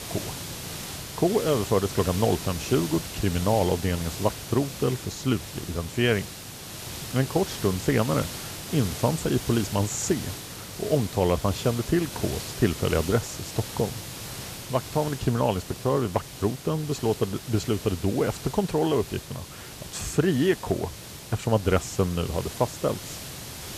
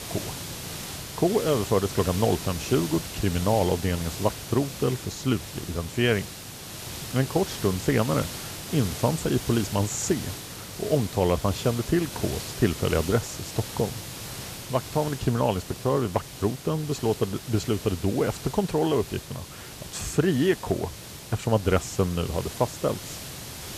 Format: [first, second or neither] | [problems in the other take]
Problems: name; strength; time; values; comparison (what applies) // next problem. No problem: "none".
neither | hiss; loud; throughout; 9 dB below the speech; the same in both